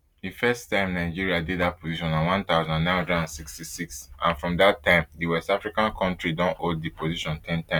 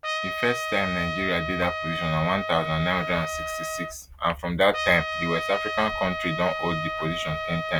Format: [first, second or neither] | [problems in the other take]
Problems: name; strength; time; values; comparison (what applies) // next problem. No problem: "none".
first | background sound (Trumpet); 4 dB below the speech